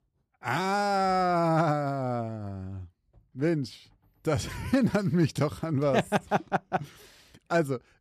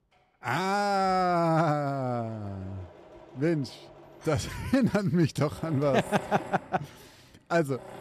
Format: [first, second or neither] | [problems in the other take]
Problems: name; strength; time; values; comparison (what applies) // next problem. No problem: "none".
first | machinery noise; noticeable; throughout; 20 dB below the speech